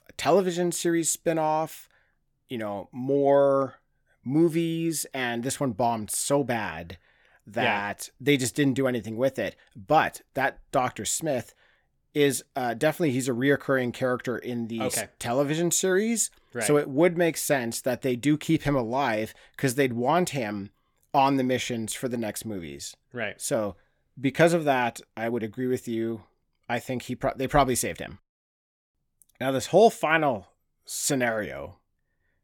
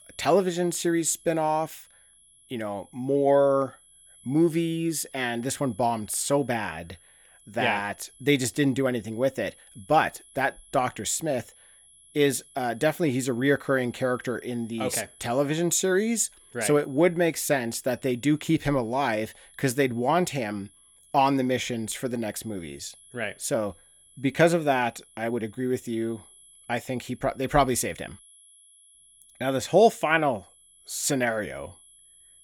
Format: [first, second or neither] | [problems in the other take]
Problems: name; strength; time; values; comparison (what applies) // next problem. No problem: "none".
first | high-pitched whine; faint; throughout; 11 kHz, 25 dB below the speech